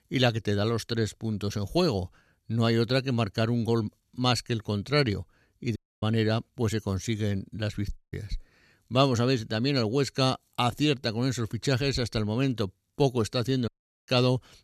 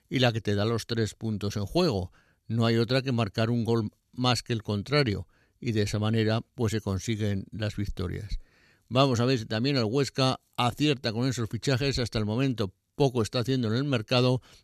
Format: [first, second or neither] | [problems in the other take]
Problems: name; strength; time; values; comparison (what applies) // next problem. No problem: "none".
second | audio cutting out; at 6 s, at 8 s and at 14 s